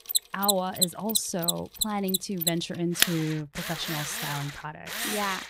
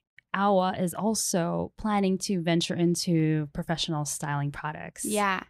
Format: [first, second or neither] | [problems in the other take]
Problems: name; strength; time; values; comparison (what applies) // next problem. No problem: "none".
second | machinery noise; very loud; throughout; 3 dB above the speech